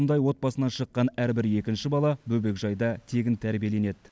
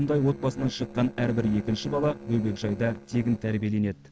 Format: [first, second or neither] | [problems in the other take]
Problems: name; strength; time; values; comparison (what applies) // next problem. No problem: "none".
first | noise reduction (neural separator model SepFormer DNS4)